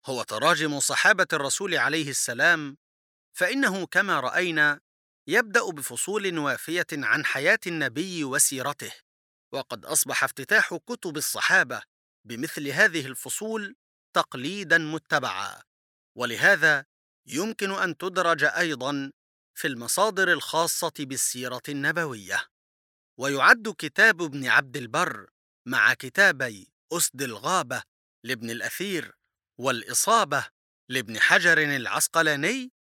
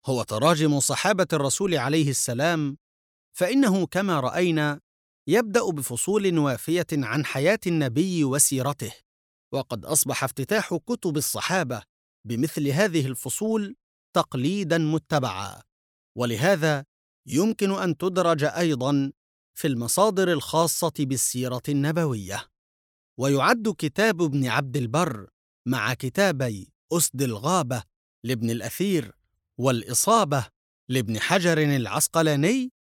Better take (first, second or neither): second